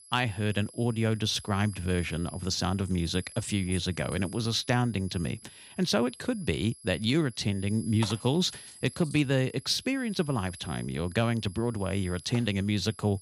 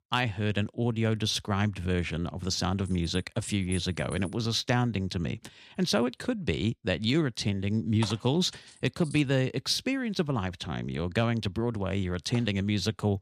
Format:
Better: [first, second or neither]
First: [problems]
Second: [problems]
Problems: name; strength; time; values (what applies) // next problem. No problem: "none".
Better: second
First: high-pitched whine; noticeable; throughout; 11 kHz, 20 dB below the speech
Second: none